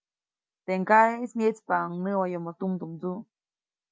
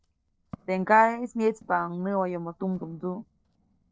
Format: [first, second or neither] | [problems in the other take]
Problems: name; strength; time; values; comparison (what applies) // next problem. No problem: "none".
first | noise reduction (neural separator model SepFormer DNS4)